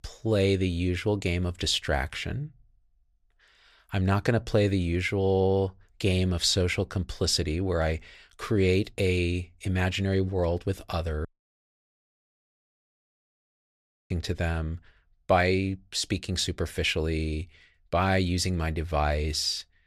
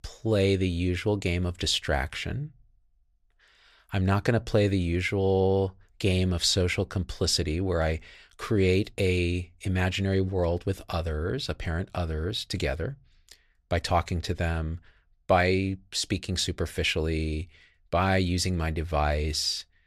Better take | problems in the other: second | audio cutting out; at 11 s for 3 s

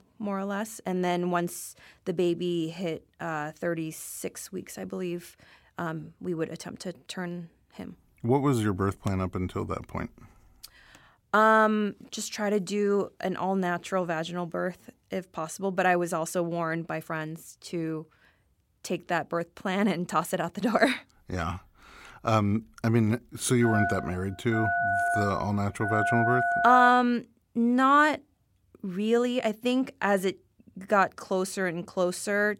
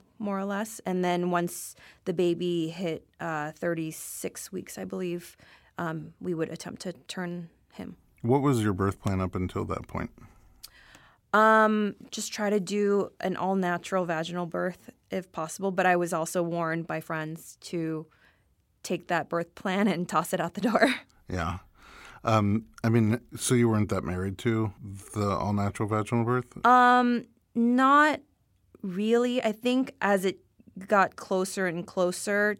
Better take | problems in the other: second | phone ringing; loud; from 24 to 27 s; peak 2 dB above the speech

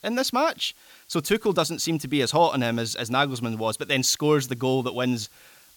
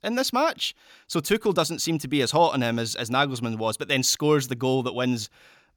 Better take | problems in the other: second | hiss; faint; throughout; 30 dB below the speech

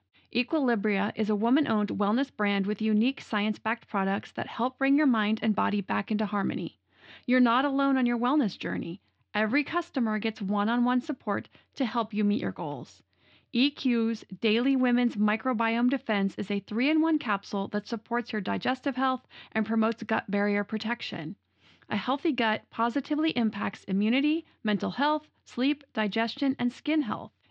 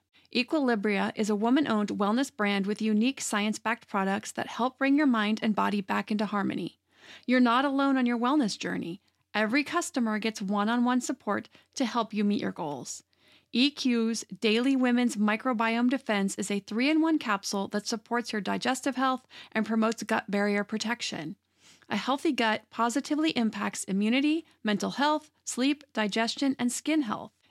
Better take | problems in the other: second | muffled; slightly; fading above 4 kHz

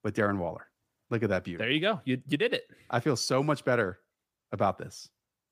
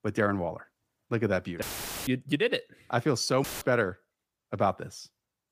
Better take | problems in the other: first | audio cutting out; filled with static; at 1.5 s and at 3.5 s

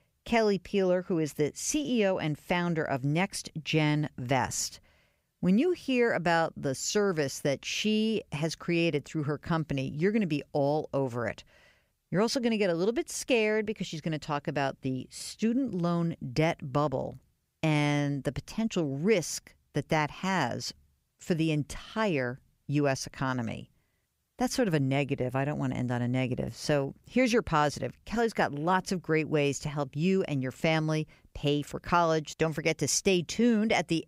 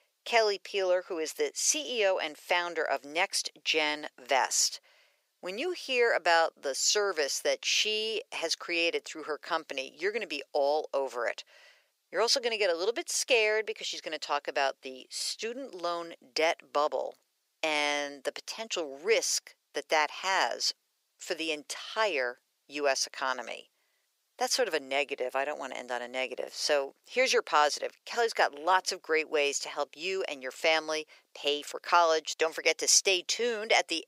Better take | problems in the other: first | thin; very; fading below 450 Hz

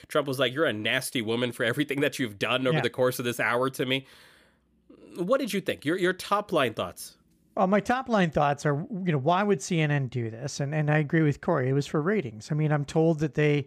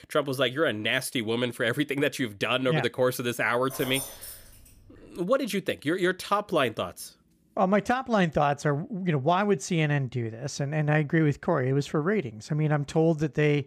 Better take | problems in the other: first | jangling keys; noticeable; from 3.5 to 5 s; peak 8 dB below the speech

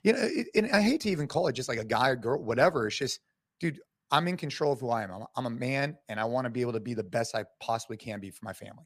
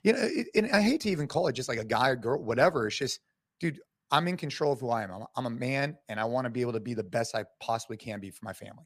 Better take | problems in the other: neither | none

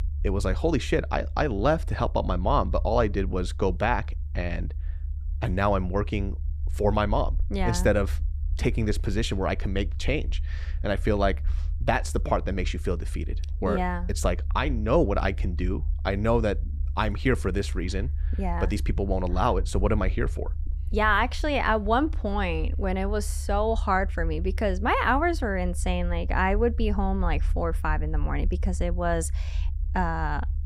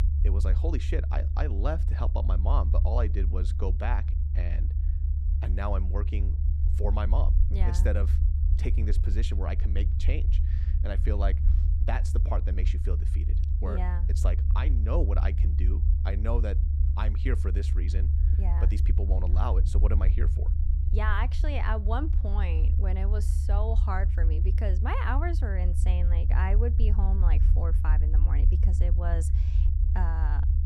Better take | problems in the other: first | low rumble; loud; throughout; 7 dB below the speech; faint in the first

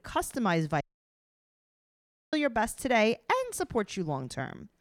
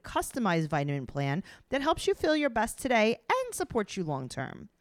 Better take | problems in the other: second | audio cutting out; at 1 s for 1.5 s

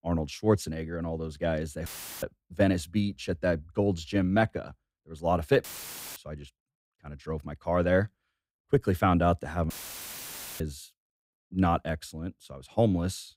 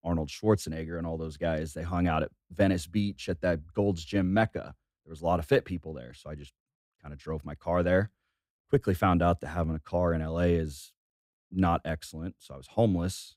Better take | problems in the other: second | audio cutting out; filled with static; at 2 s, at 5.5 s for 0.5 s and at 9.5 s for 1 s

